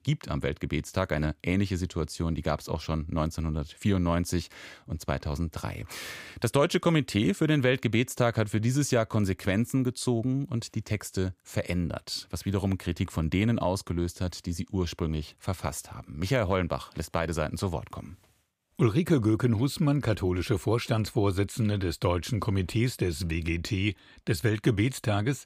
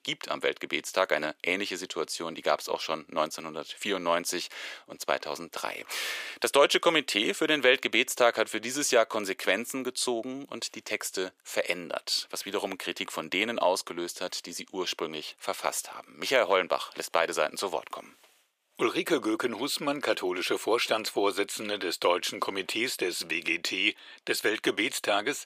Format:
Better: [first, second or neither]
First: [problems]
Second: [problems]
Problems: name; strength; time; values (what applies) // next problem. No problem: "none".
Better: first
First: none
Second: thin; very; fading below 400 Hz